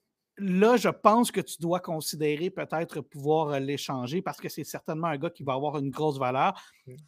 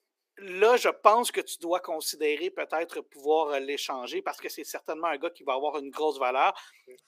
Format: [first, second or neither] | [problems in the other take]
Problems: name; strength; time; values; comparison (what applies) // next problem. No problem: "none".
first | thin; very; fading below 350 Hz